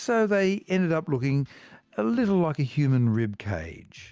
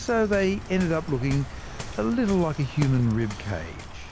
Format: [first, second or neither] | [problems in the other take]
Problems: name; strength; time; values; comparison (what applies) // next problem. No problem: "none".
first | background sound (Waves, surf); 11 dB below the speech